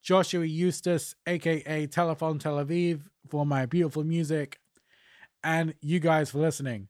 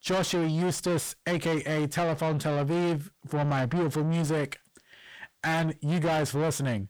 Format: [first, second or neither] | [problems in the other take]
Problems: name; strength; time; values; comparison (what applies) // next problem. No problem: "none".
first | distortion; heavy; 6 dB below the speech